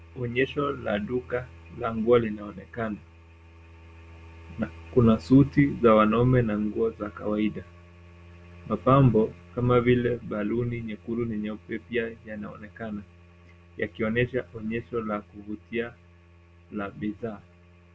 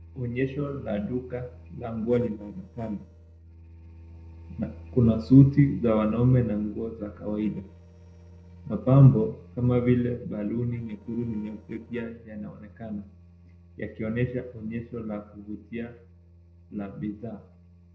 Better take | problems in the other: first | noise reduction (neural separator model SepFormer DNS4)

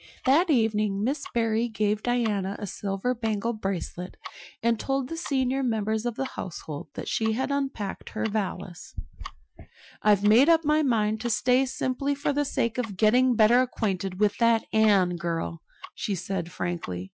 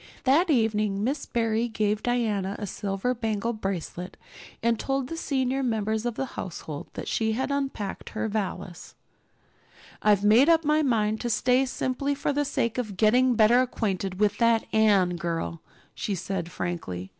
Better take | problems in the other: second | noise reduction (classical method Wiener filter)

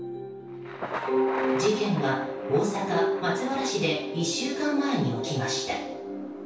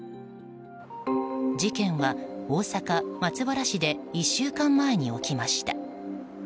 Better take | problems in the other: second | background sound (Thunder); 13 dB below the speech // room echo; dies away in 0.6 s

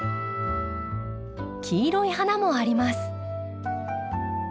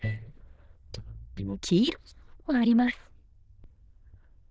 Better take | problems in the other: first | noise reduction (neural diffusion model UNIVERSE++)

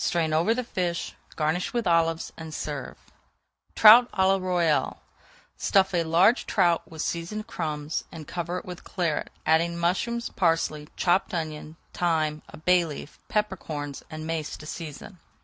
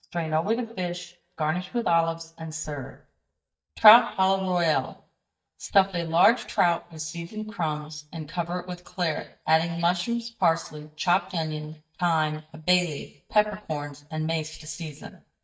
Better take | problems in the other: first | noise reduction (neural mask model DeepFilterNet 3)

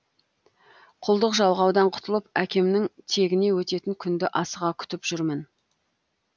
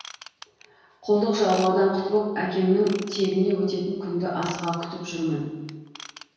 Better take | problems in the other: first | background sound (Ratchet, pawl / Tools); 20 dB below the speech // room echo; dies away in 1.2 s

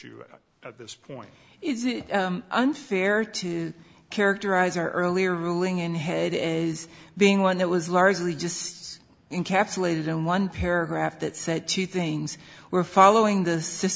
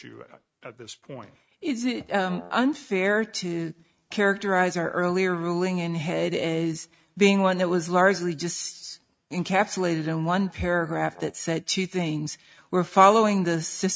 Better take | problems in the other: first | noise reduction (neural mask model RNNoise)

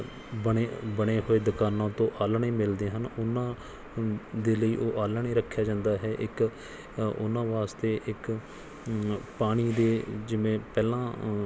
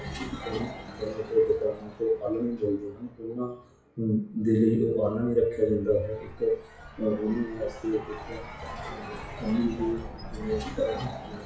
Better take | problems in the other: first | noise reduction (classical method WPE with log-MMSE)

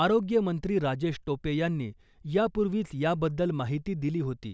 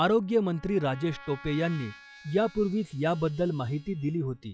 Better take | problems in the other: first | noise reduction (classical method log-MMSE)

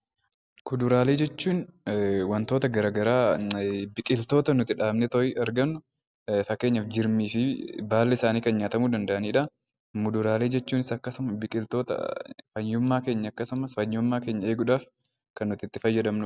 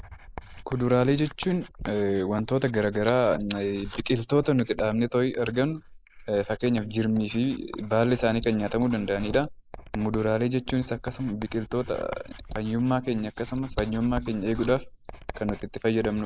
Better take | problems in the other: first | noise reduction (neural mask model Resemble Enhance denoiser)

